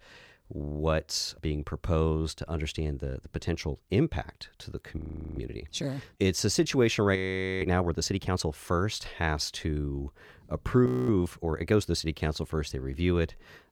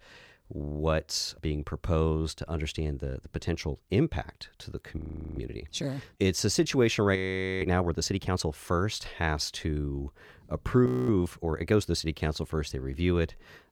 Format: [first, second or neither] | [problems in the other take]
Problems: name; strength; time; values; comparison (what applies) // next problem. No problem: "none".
neither | audio freezing; at 5 s, at 7 s and at 11 s; the same in both